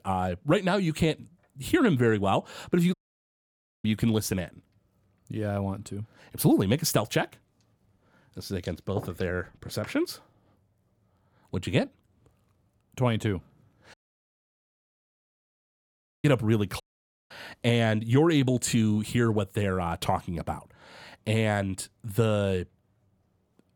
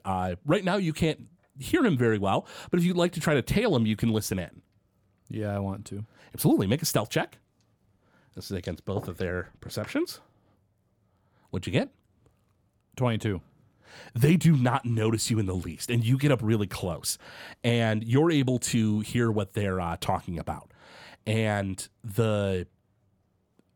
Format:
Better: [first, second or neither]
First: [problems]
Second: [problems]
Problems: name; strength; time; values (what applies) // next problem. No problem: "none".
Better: second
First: audio cutting out; at 3 s for 1 s, at 14 s for 2.5 s and at 17 s for 0.5 s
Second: none